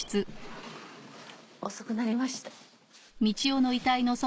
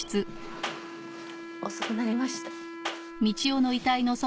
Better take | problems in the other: first | background sound (Wind instrument, woodwind instrument + Clapping); 10 dB below the speech

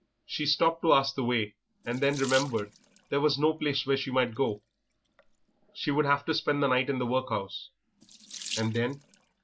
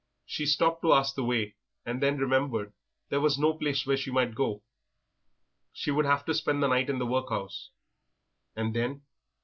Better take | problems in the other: second | background sound (Sink (filling or washing) / Water tap, faucet); 17 dB below the speech

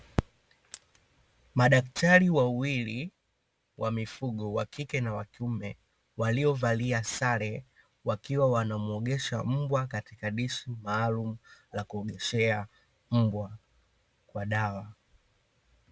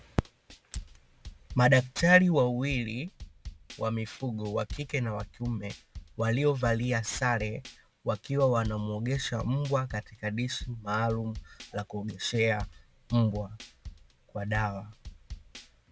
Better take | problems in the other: first | background sound (Drum / Drum kit); 16 dB below the speech

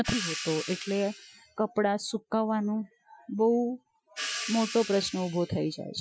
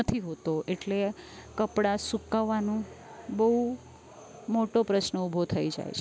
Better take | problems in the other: second | noise reduction (classical method Wiener filter)

